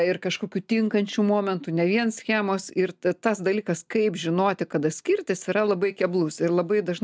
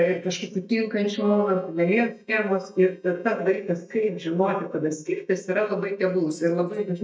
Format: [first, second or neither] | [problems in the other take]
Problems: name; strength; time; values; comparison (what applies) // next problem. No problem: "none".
first | noise reduction (neural mask model DeepFilterNet 3)